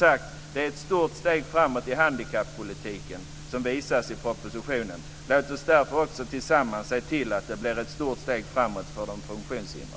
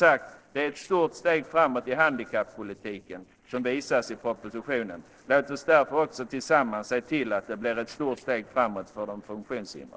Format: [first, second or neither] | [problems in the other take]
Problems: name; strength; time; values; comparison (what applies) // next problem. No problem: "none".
first | noise reduction (neural separator model SepFormer DNS4)